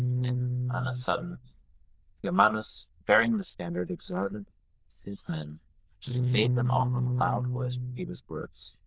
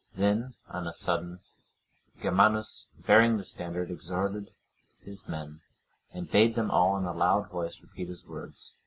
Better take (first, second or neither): second